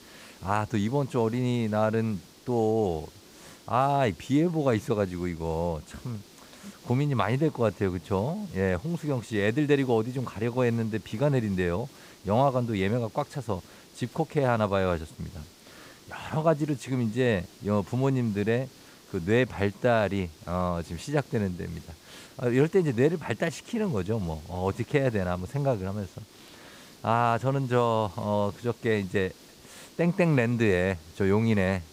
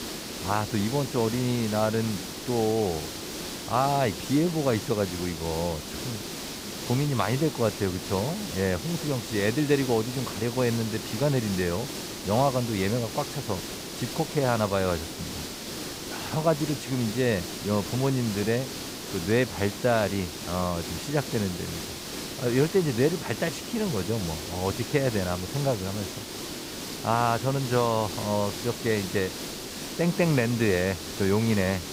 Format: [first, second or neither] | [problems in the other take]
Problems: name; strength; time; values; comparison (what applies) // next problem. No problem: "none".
first | hiss; loud; throughout; 7 dB below the speech; faint in the first